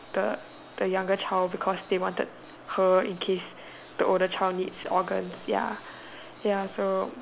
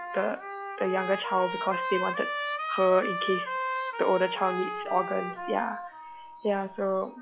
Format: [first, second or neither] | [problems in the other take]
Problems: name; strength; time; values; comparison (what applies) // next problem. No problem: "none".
first | noise reduction (classical method log-MMSE)